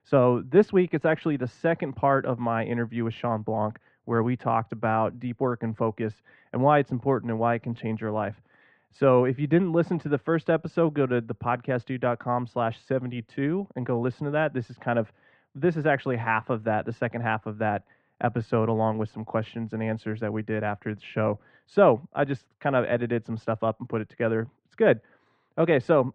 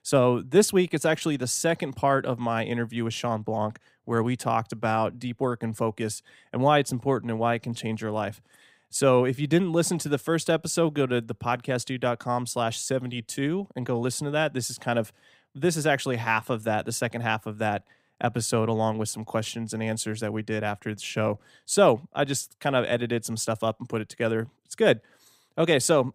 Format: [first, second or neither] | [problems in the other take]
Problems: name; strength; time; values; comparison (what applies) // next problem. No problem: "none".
second | muffled; very; fading above 2 kHz